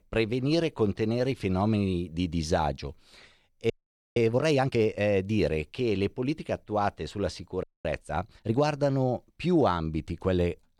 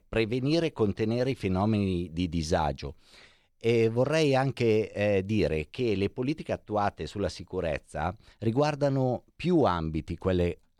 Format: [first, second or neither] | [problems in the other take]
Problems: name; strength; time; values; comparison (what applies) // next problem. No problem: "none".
second | audio freezing; at 3.5 s and at 7.5 s